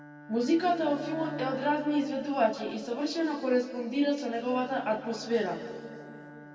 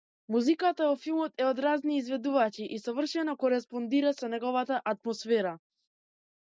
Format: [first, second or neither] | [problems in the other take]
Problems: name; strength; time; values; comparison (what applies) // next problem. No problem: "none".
second | background sound (Bowed string instrument); 17 dB below the speech // room echo; dies away in 2.1 s